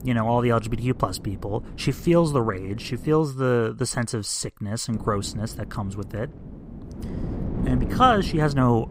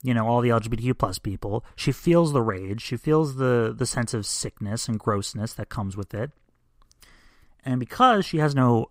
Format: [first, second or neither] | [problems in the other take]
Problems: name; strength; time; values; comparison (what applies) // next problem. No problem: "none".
second | wind noise on the microphone; occasional gusts; until 3 s and from 5 s on; 15 dB below the speech